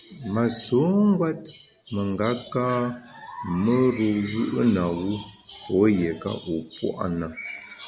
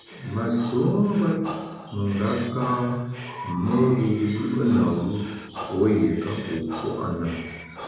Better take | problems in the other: first | background sound (Breathing); 15 dB below the speech // room echo; dies away in 0.9 s

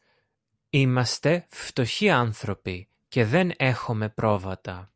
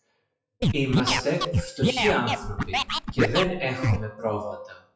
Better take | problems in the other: first | noise reduction (classical method WPE with log-MMSE)

